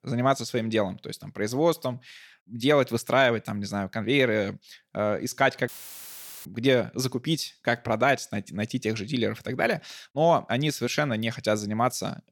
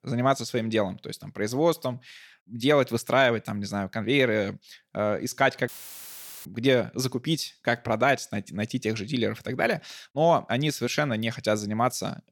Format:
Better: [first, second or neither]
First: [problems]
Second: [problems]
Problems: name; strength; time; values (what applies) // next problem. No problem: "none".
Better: neither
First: audio cutting out; filled with static; at 5.5 s for 1 s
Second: audio cutting out; filled with static; at 5.5 s for 1 s